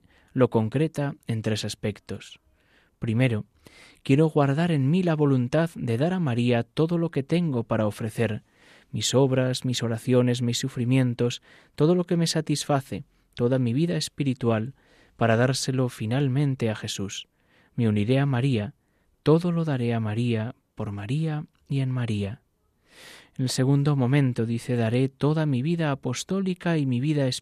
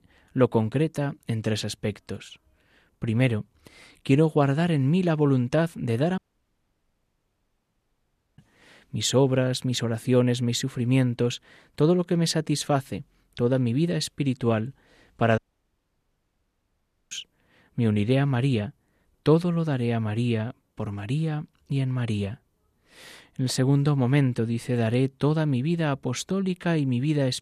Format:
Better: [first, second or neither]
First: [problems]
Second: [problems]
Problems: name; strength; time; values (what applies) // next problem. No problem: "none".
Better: first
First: none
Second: audio cutting out; at 6 s for 2 s and at 15 s for 1.5 s